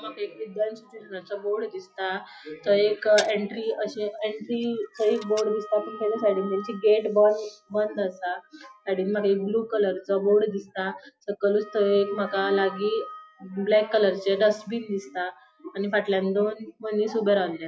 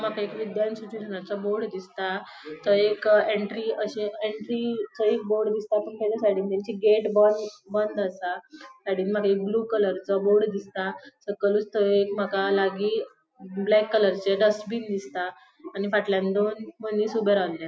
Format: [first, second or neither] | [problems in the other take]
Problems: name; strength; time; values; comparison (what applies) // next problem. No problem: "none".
second | noise reduction (classical method log-MMSE)